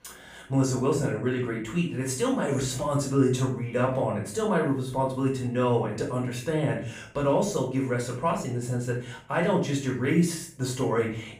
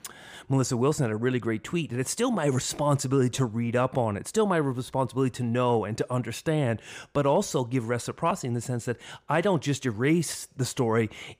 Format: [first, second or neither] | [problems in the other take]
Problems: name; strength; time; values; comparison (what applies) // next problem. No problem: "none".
second | off-mic speech; far // room echo; slight; dies away in 0.4 s